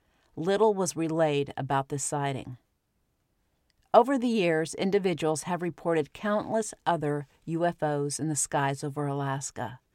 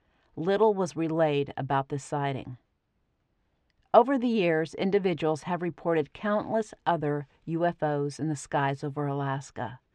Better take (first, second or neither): first